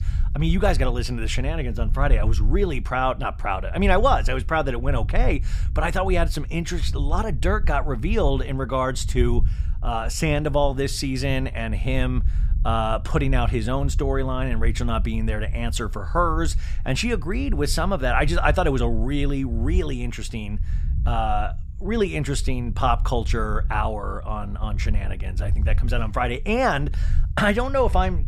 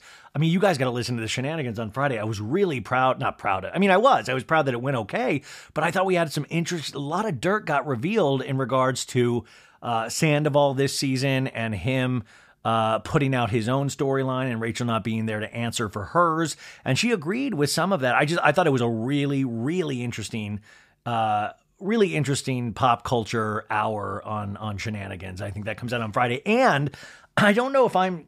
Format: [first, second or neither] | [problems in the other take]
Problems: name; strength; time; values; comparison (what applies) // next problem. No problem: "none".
second | low rumble; faint; throughout; 20 dB below the speech